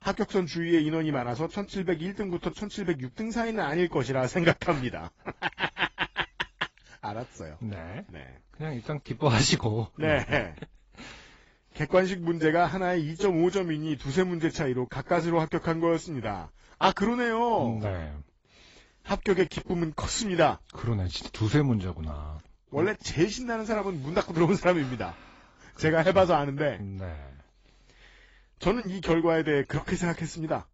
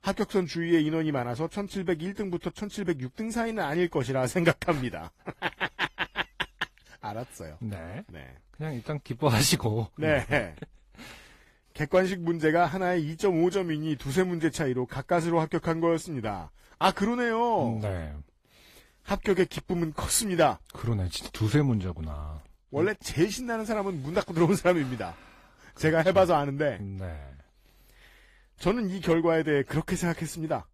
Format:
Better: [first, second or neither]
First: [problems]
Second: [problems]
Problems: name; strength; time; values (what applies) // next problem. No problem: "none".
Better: second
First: garbled, watery; badly; nothing above 7.5 kHz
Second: garbled, watery; slightly; nothing above 15 kHz